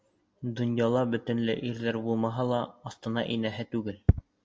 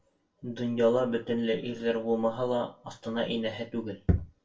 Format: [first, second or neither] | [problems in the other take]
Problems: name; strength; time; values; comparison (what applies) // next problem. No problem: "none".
first | room echo; dies away in 0.2 s